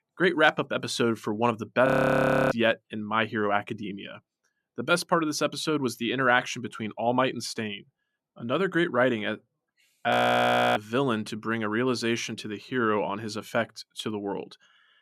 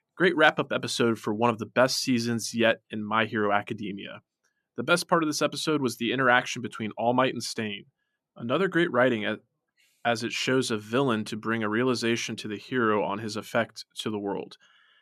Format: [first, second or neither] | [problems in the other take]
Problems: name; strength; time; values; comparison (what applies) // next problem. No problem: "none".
second | audio freezing; at 2 s for 0.5 s and at 10 s for 0.5 s